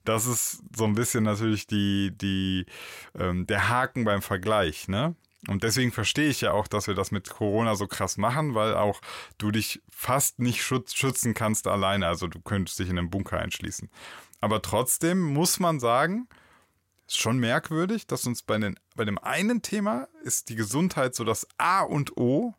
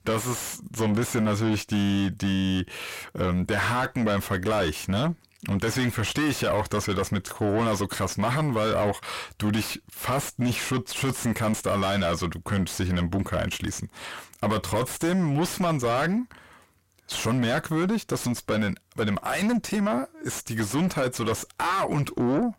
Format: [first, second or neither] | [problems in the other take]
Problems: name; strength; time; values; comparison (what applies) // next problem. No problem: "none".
first | distortion; heavy; 6 dB below the speech